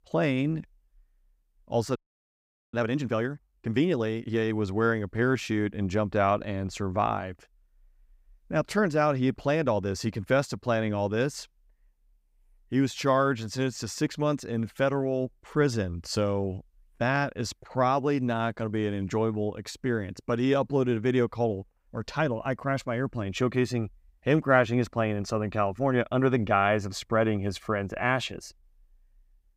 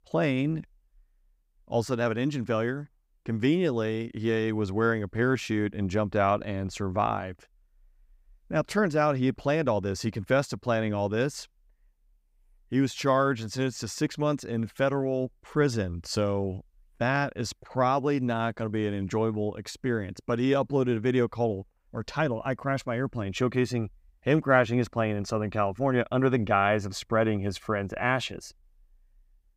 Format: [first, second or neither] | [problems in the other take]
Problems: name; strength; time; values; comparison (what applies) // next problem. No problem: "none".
second | audio freezing; at 2 s for 1 s